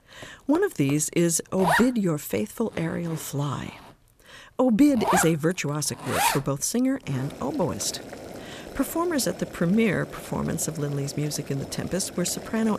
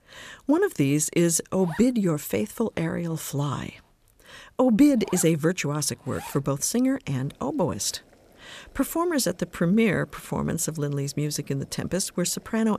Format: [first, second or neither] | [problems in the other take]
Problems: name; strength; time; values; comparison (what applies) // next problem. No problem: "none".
second | household noises; loud; throughout; 6 dB below the speech; faint in the second